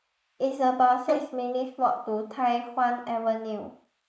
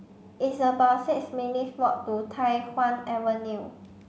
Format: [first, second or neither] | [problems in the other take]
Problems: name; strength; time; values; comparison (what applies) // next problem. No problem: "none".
second | noise reduction (neural mask model Resemble Enhance denoiser)